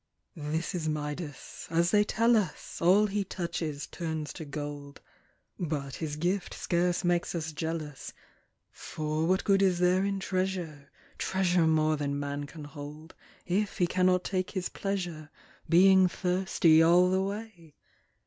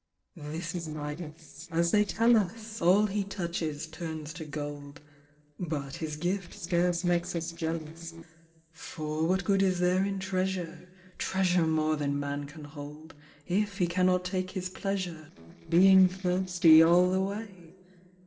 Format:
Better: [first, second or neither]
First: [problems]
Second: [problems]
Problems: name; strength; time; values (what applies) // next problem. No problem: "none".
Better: first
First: none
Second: noise reduction (neural separator model SepFormer DNS4)